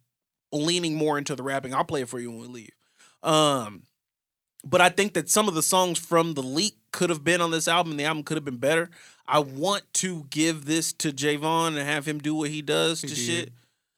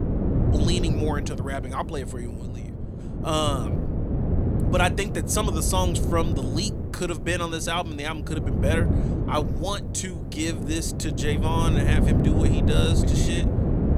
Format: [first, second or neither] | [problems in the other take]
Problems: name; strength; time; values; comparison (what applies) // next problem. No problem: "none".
first | wind noise on the microphone; heavy; 6 dB below the speech